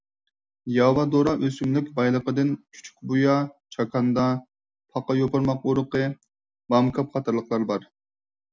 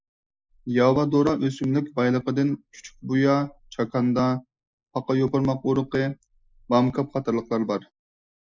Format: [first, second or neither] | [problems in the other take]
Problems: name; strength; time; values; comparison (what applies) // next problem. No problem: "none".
first | noise reduction (neural mask model Resemble Enhance denoiser)